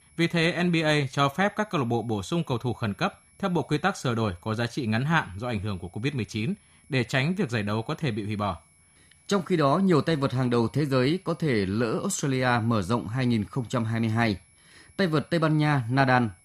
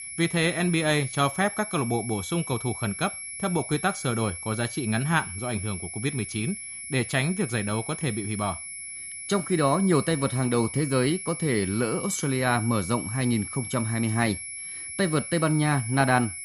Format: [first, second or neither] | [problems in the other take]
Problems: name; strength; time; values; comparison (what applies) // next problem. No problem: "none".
first | high-pitched whine; loud; throughout; 11 kHz, 8 dB below the speech; faint in the first